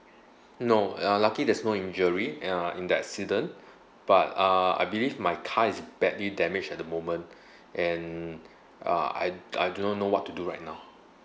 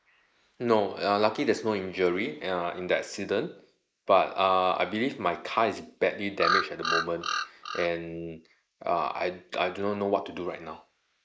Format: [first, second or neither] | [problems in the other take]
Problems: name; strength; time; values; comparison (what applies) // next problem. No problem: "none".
first | noise reduction (neural mask model Resemble Enhance denoiser)